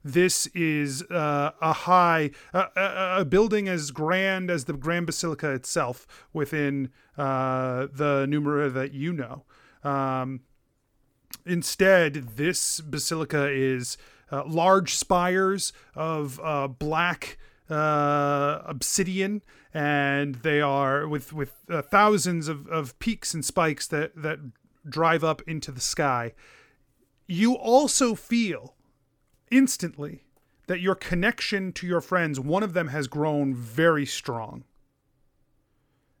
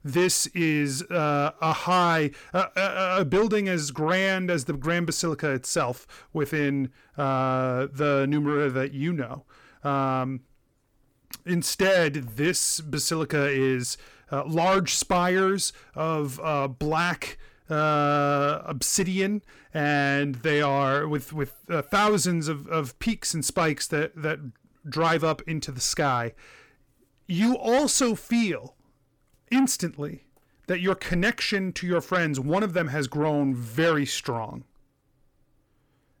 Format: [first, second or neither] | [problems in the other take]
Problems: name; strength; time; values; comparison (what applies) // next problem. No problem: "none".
first | distortion; slight; 10 dB below the speech